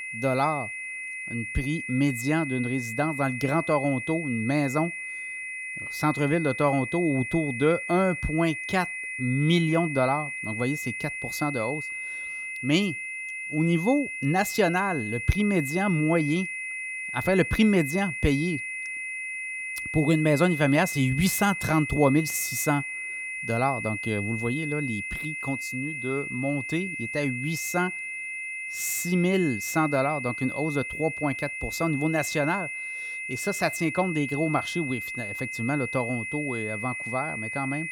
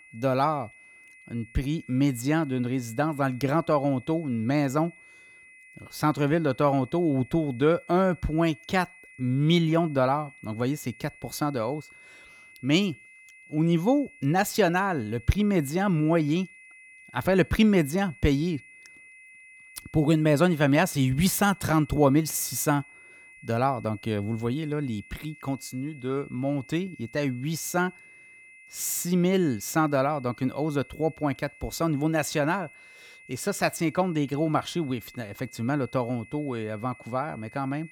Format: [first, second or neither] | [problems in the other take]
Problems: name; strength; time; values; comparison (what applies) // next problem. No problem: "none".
second | high-pitched whine; loud; throughout; 2 kHz, 5 dB below the speech; faint in the second